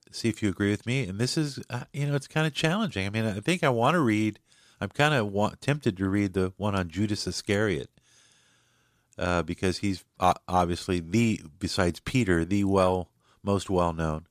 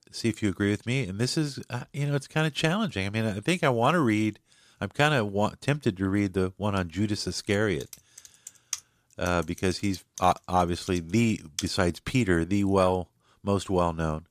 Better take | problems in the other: first | keyboard typing; noticeable; from 8 to 12 s; peak 8 dB below the speech

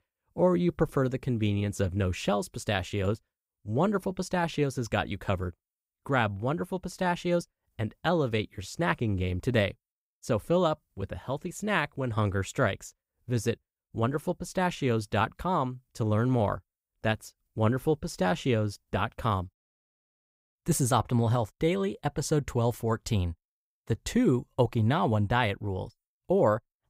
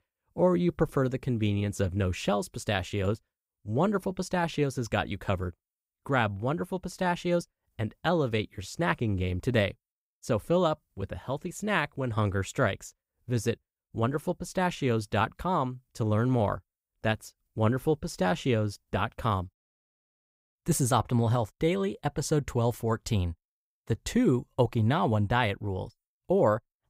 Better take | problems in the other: neither | none

